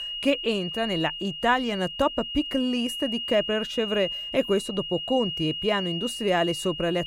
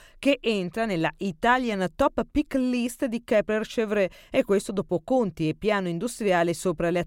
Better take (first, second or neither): second